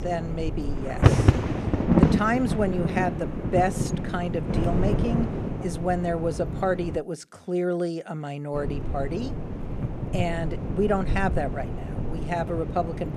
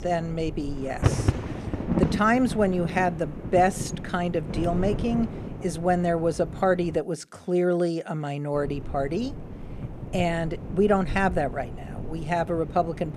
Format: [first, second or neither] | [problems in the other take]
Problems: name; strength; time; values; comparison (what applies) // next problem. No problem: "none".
second | wind noise on the microphone; heavy; until 7 s and from 8.5 s on; 4 dB below the speech; occasional gusts in the second